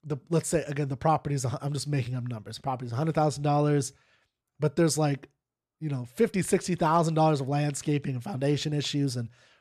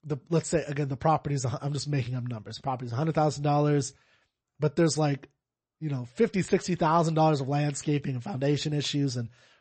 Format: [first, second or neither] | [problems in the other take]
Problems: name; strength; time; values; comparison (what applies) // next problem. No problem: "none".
first | garbled, watery; slightly; nothing above 8 kHz